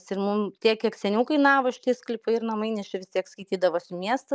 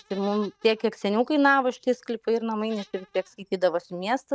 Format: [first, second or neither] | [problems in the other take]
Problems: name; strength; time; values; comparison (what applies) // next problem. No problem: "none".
first | noise reduction (neural mask model RNNoise)